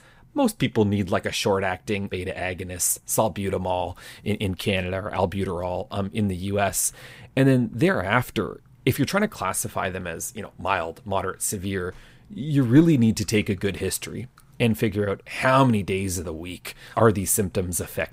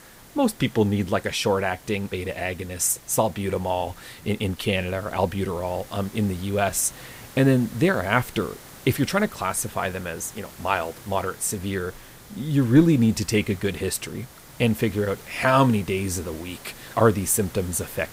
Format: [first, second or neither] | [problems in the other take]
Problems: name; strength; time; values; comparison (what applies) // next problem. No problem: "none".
first | hiss; noticeable; throughout; 20 dB below the speech